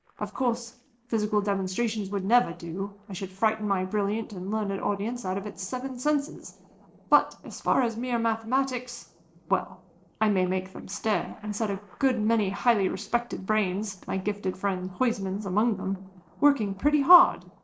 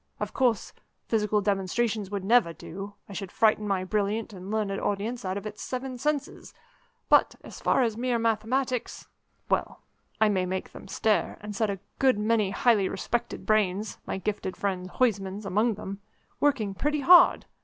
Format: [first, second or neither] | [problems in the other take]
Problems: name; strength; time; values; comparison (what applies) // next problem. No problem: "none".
second | noise reduction (neural separator model SepFormer DNS4)